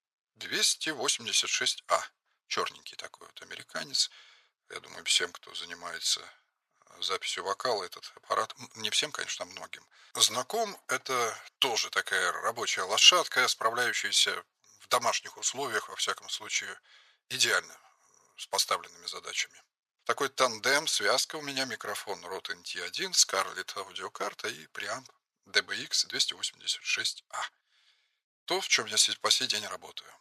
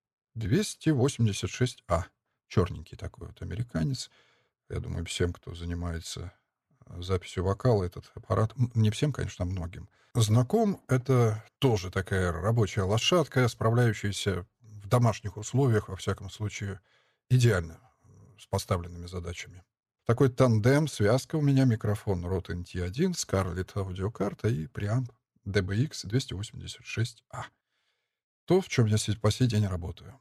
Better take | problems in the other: second | thin; very; fading below 950 Hz

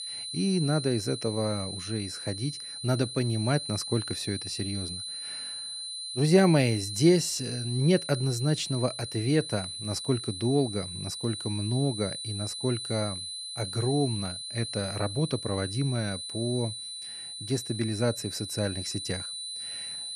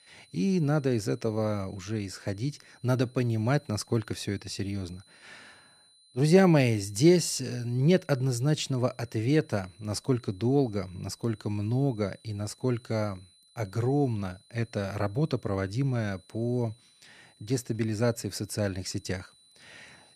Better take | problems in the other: second | high-pitched whine; loud; throughout; 4 kHz, 6 dB below the speech; faint in the second

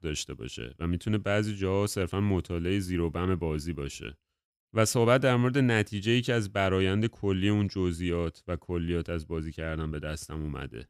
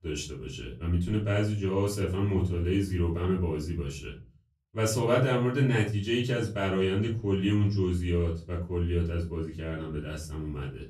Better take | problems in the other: first | off-mic speech; far // room echo; slight; dies away in 0.4 s

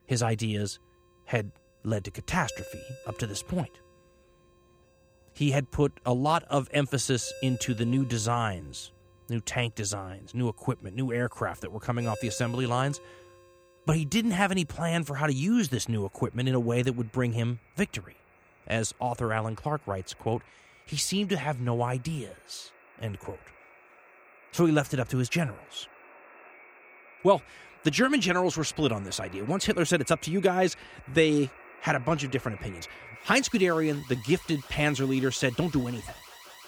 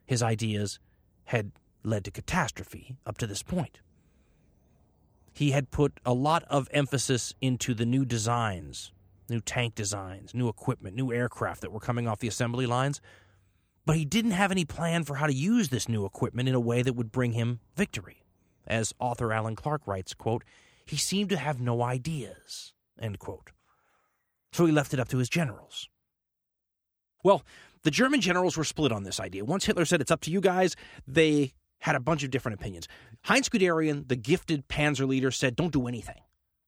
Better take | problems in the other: second | alarms or sirens; faint; throughout; 20 dB below the speech

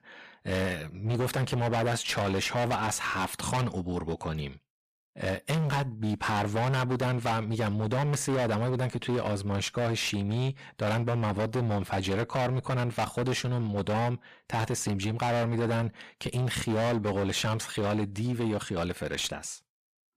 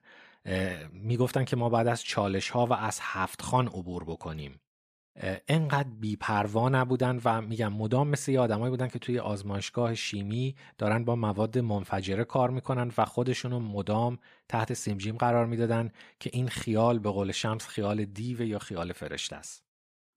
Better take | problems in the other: second | distortion; heavy; 26% of the sound clipped

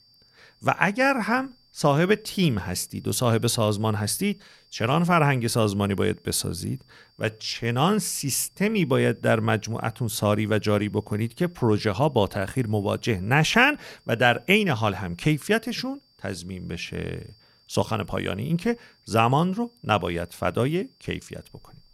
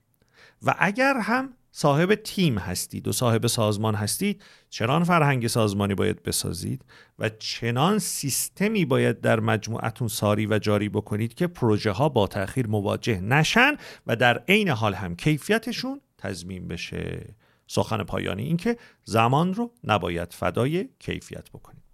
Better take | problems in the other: second | high-pitched whine; faint; throughout; 4.5 kHz, 35 dB below the speech

